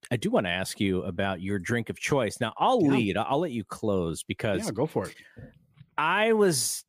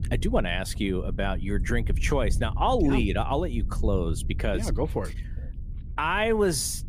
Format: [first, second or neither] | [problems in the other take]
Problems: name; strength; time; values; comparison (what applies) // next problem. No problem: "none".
first | wind noise on the microphone; occasional gusts; 20 dB below the speech